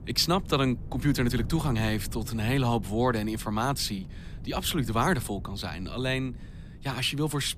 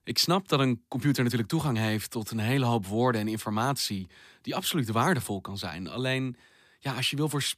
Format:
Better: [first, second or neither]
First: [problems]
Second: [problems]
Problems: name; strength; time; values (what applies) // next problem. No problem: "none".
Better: second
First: wind noise on the microphone; occasional gusts; 20 dB below the speech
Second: none